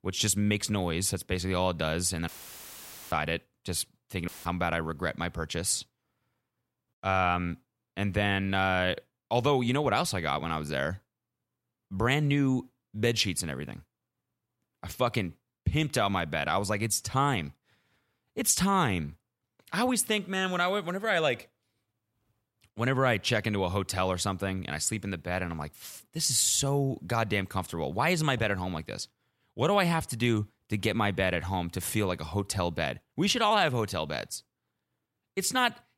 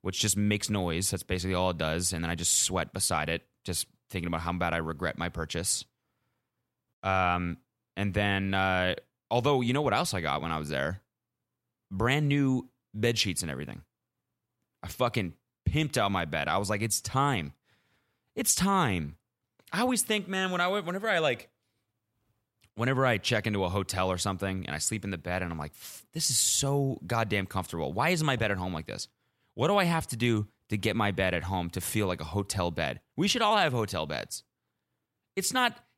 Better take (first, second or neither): second